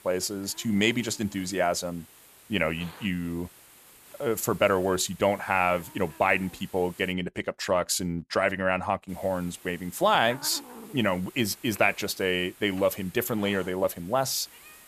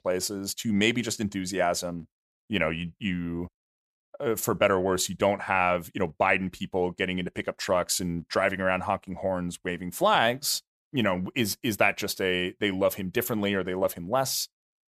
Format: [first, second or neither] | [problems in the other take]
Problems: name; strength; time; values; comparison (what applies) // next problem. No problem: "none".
second | hiss; faint; until 7 s and from 9 s on; 20 dB below the speech